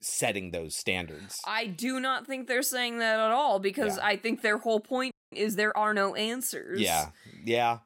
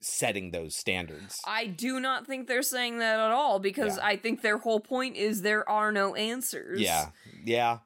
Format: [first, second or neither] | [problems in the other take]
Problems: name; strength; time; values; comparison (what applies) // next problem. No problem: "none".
second | audio freezing; at 5 s